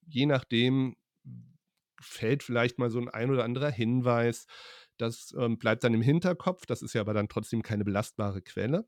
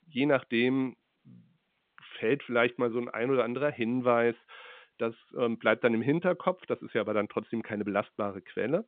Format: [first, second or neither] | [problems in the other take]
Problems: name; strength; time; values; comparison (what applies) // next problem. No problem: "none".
first | phone-call audio; nothing above 3.5 kHz